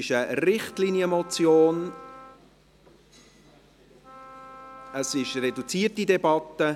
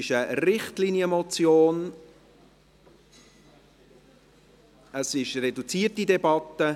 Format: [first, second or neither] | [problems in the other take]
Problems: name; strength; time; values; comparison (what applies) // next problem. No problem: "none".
second | background sound (Wind instrument, woodwind instrument); 19 dB below the speech